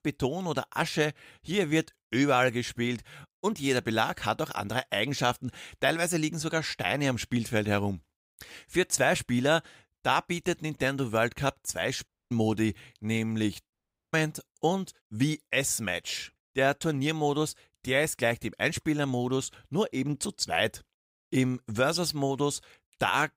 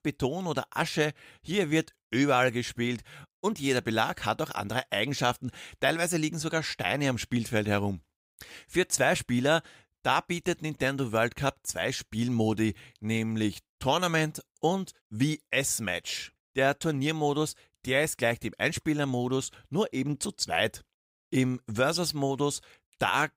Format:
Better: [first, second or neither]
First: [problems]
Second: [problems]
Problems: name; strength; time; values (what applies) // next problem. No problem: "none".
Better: second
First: audio cutting out; at 12 s and at 14 s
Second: none